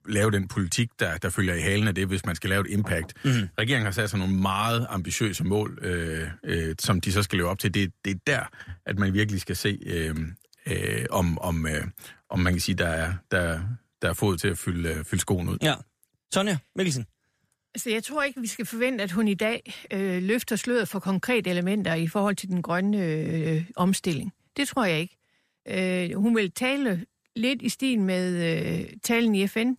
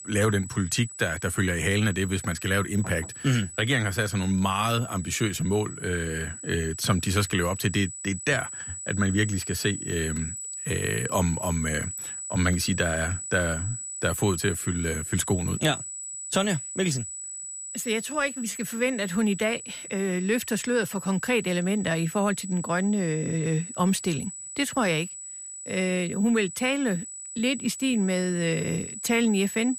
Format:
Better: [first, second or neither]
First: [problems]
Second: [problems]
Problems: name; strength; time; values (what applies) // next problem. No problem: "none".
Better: first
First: none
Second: high-pitched whine; loud; throughout; 8 kHz, 9 dB below the speech